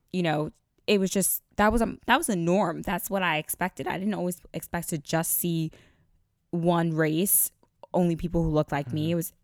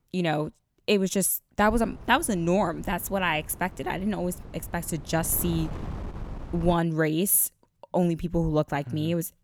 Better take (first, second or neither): first